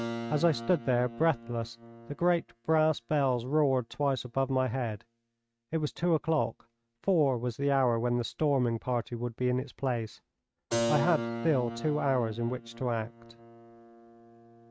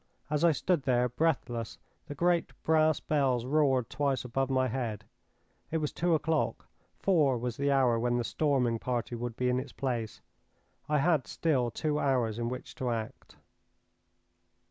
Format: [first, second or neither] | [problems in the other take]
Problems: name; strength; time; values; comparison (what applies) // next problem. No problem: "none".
second | noise reduction (neural mask model RNNoise)